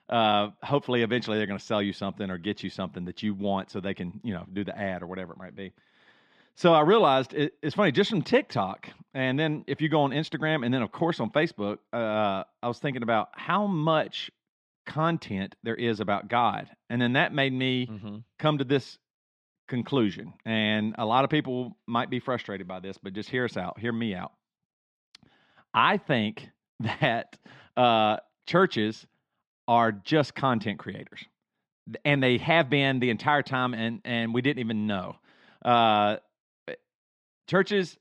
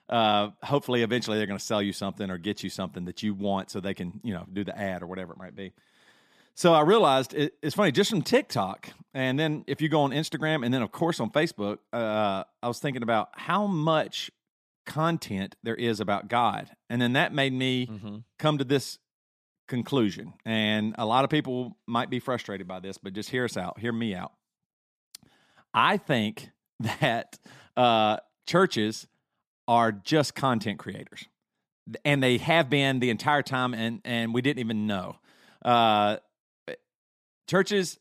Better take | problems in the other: second | muffled; very slightly; fading above 3 kHz

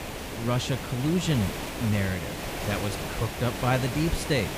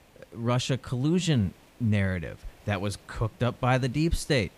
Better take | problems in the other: second | hiss; loud; throughout; 5 dB below the speech; faint in the second

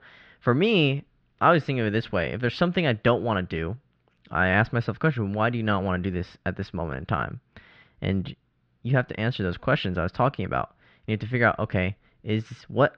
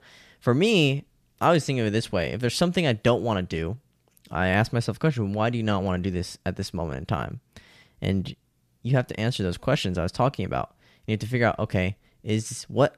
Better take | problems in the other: second | muffled; slightly; fading above 3.5 kHz

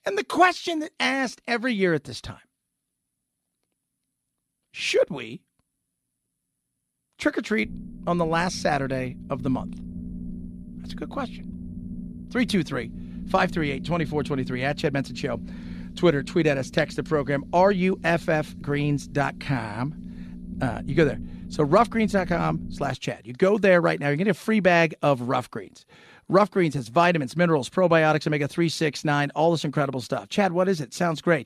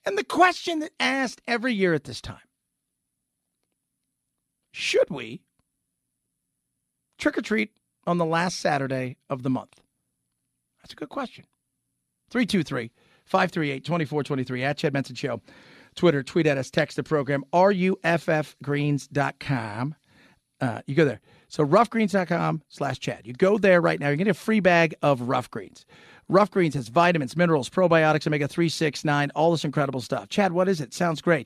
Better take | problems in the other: second | low rumble; faint; from 7.5 to 23 s; 20 dB below the speech

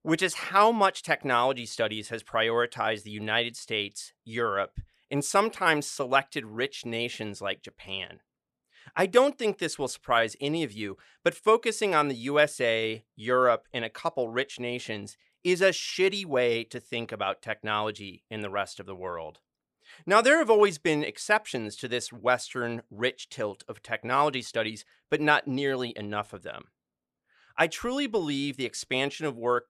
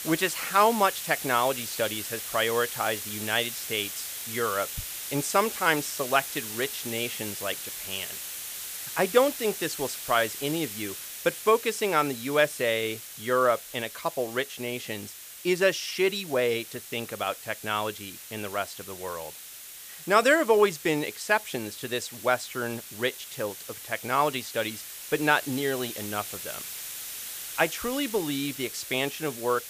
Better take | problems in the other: first | hiss; loud; throughout; 8 dB below the speech

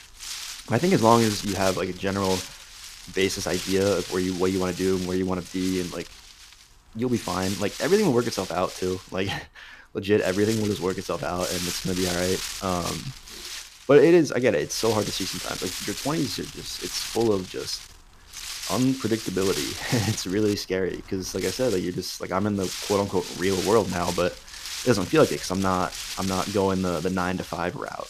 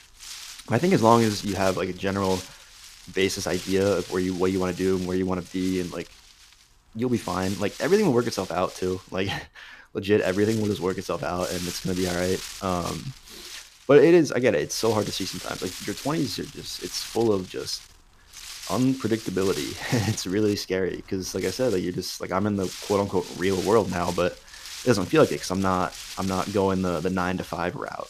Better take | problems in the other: second | wind noise on the microphone; heavy; 8 dB below the speech; occasional gusts in the second

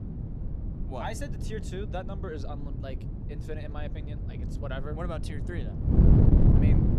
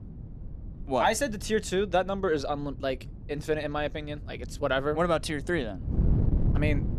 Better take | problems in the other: second | wind noise on the microphone; heavy; 1 dB above the speech; occasional gusts in the second

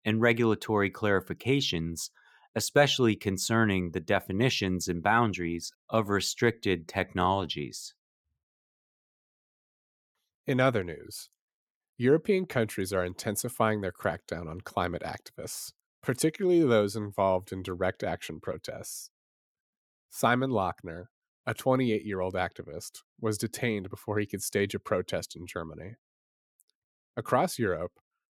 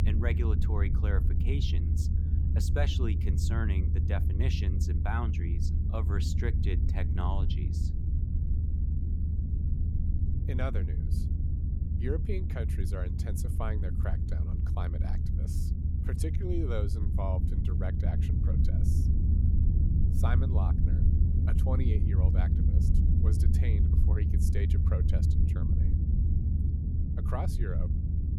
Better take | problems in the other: first | low rumble; loud; throughout; 2 dB below the speech

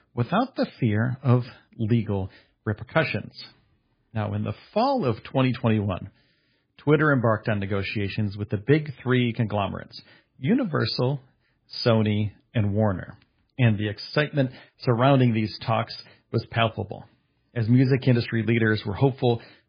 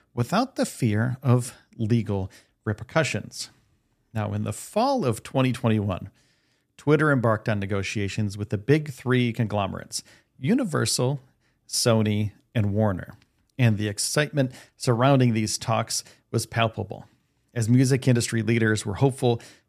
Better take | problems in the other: second | garbled, watery; badly; nothing above 5 kHz

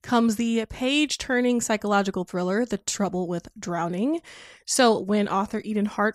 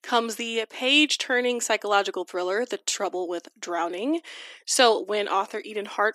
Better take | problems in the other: first | thin; somewhat; fading below 300 Hz

